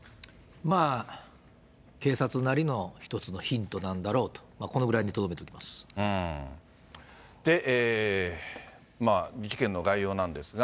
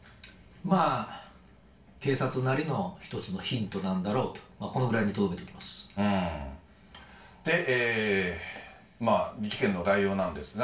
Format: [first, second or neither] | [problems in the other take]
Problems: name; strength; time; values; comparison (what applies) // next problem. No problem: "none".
first | room echo; dies away in 0.3 s